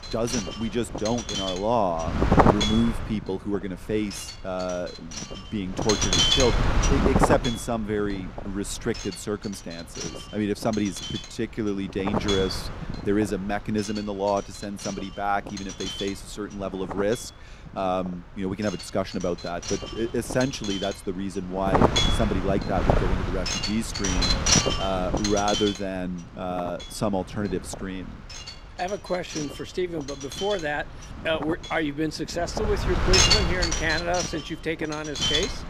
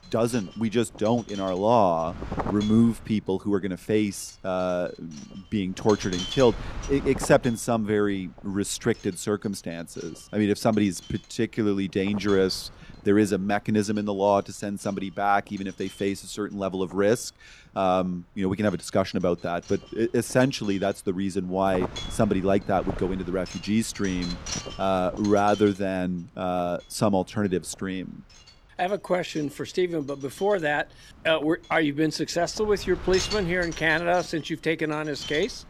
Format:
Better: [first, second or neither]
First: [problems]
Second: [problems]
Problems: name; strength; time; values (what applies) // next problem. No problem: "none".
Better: second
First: wind noise on the microphone; heavy; 3 dB above the speech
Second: wind noise on the microphone; occasional gusts; 15 dB below the speech